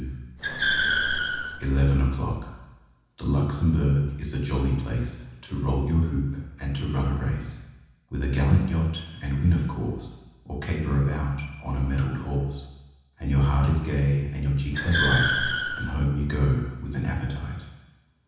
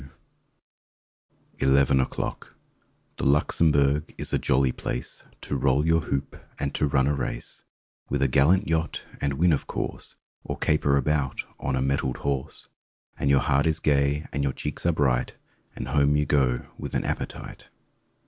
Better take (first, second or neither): second